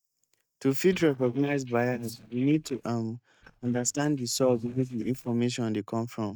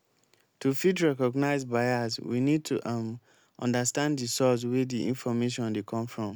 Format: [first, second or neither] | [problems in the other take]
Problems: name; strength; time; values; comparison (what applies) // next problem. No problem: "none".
second | noise reduction (neural mask model DeepFilterNet 3)